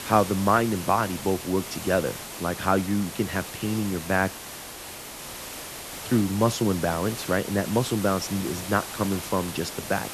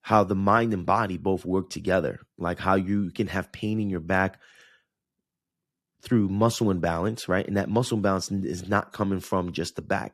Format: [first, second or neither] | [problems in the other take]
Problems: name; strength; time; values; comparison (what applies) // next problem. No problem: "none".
second | hiss; loud; throughout; 9 dB below the speech